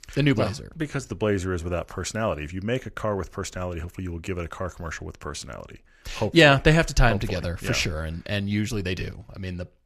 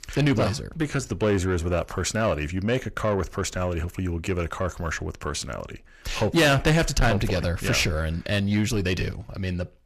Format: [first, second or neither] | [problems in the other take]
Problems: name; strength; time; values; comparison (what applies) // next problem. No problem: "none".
first | distortion; heavy; 7 dB below the speech